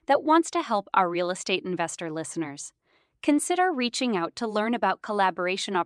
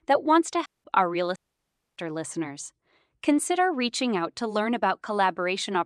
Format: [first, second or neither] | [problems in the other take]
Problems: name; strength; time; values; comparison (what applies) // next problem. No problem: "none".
first | audio cutting out; at 0.5 s and at 1.5 s for 0.5 s